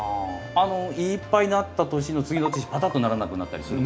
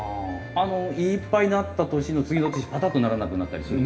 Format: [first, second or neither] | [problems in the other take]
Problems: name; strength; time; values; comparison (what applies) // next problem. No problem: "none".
first | room echo; dies away in 2 s